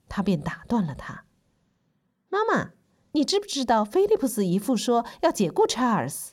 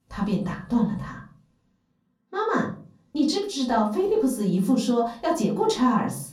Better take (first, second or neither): first